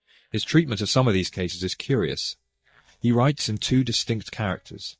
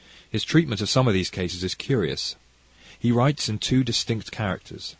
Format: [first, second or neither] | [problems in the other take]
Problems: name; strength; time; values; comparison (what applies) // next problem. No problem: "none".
second | noise reduction (neural mask model DeepFilterNet 3)